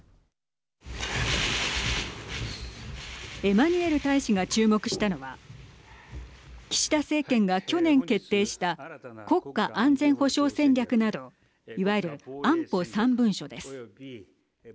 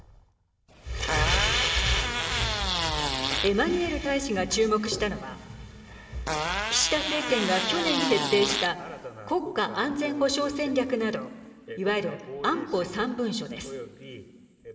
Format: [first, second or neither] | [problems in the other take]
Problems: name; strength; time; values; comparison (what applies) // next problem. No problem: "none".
first | background sound (Fart); 2 dB below the speech // room echo; dies away in 2.6 s